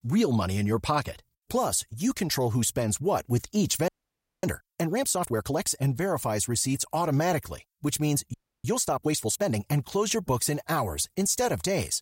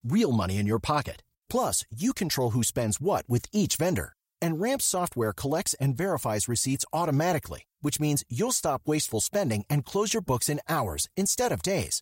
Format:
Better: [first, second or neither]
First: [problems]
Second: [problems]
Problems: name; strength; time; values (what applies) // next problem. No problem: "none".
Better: second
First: audio freezing; at 4 s for 0.5 s and at 8.5 s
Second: none